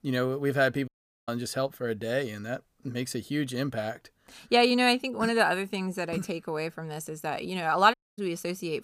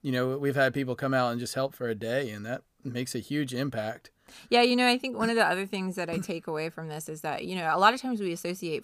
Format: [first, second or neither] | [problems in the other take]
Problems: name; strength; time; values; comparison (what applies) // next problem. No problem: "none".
second | audio cutting out; at 1 s and at 8 s